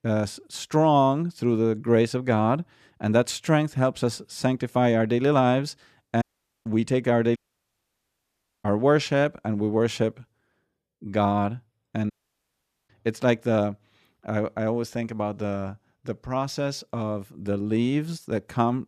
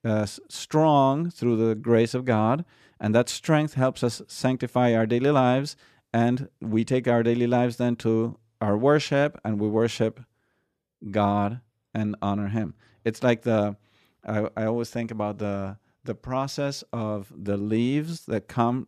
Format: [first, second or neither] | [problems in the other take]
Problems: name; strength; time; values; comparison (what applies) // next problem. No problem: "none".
second | audio cutting out; at 6 s, at 7.5 s for 1.5 s and at 12 s for 1 s